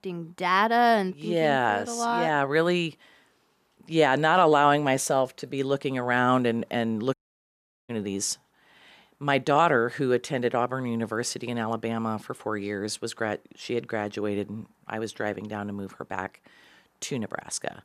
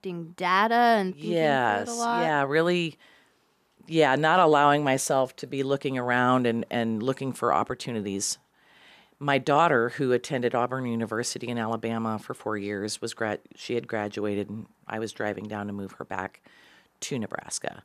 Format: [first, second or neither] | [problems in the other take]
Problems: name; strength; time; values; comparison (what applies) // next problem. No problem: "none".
second | audio cutting out; at 7 s for 1 s